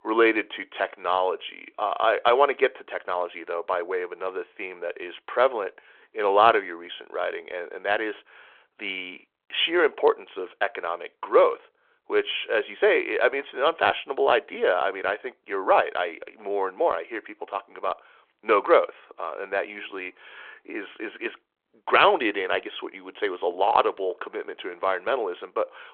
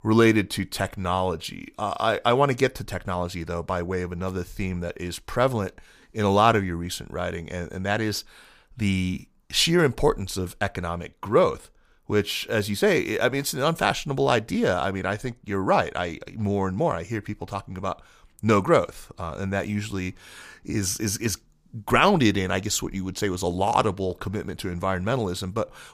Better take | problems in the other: second | phone-call audio

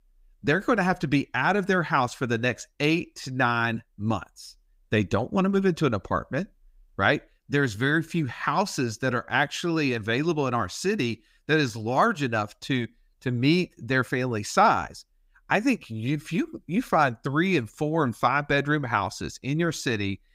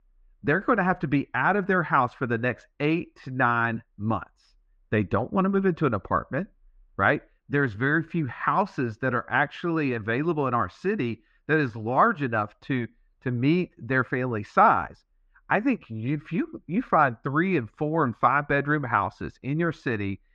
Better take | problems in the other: first | muffled; very; fading above 2 kHz

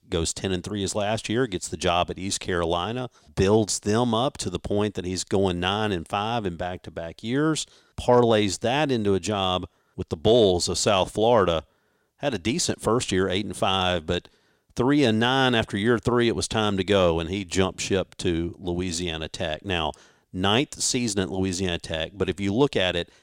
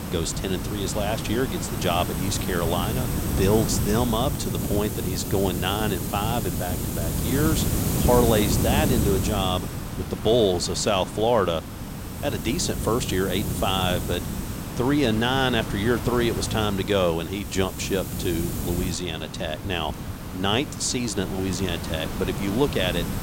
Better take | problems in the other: first | hiss; loud; throughout; 3 dB below the speech

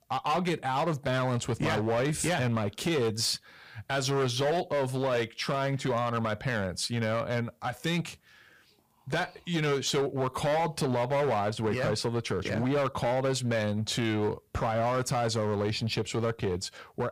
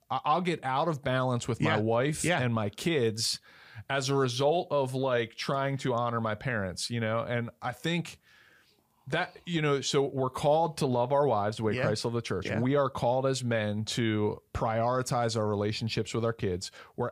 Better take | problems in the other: second | distortion; slight; 13% of the sound clipped

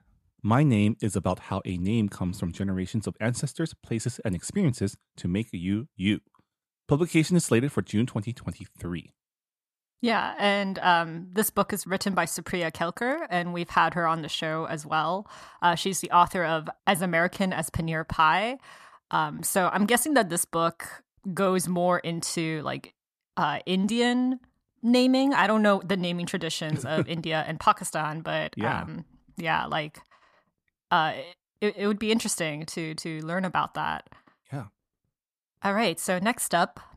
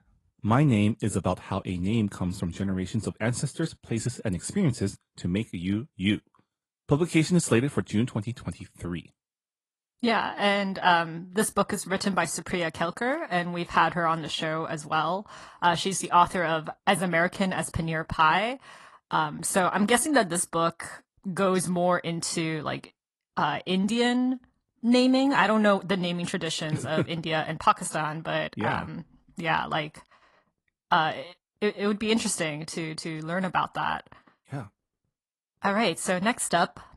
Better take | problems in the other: first | garbled, watery; slightly; nothing above 11.5 kHz

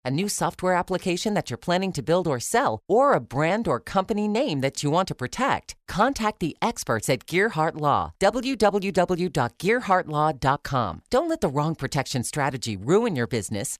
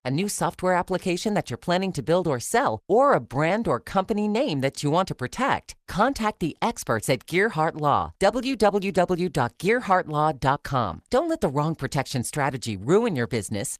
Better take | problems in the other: first | garbled, watery; slightly; nothing above 14.5 kHz

